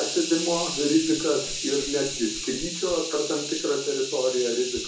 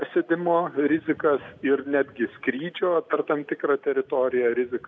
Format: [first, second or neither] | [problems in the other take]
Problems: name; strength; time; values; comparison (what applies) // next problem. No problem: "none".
second | background sound (Hiss); 6 dB below the speech // room echo; dies away in 0.5 s